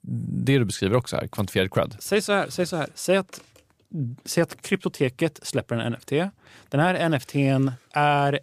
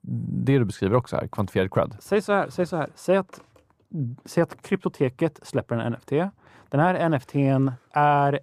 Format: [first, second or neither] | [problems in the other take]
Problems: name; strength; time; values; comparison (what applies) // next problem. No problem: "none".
first | muffled; slightly; fading above 2 kHz